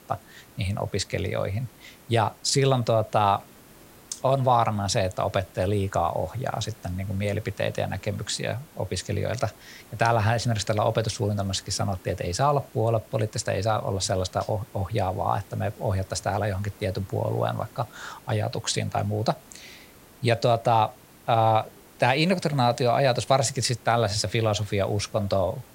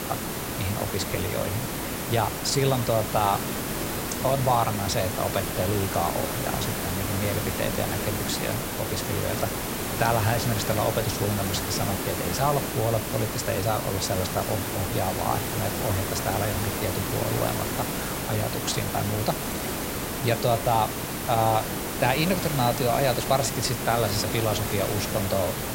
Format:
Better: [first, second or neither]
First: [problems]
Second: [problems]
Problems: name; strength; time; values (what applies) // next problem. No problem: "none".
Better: first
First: hiss; faint; throughout; 25 dB below the speech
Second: hiss; loud; throughout; 1 dB below the speech